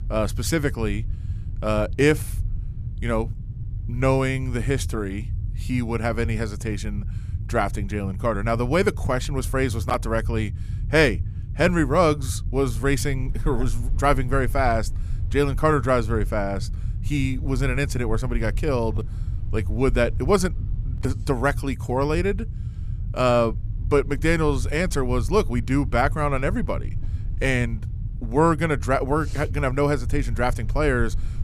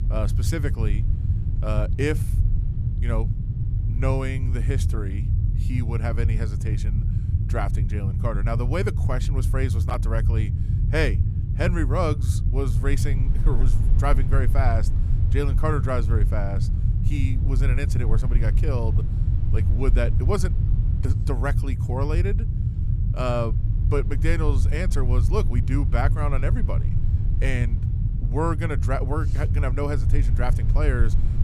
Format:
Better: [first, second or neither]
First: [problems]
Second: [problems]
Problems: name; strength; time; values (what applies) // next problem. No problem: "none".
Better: first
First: low rumble; faint; throughout; 20 dB below the speech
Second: low rumble; loud; throughout; 8 dB below the speech